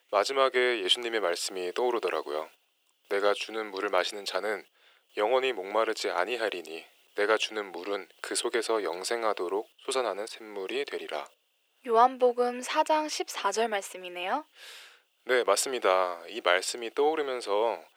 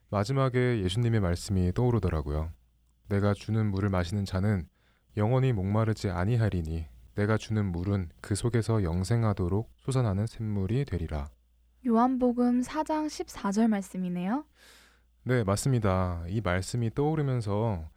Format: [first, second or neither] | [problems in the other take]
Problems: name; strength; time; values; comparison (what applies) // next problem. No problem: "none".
second | thin; very; fading below 400 Hz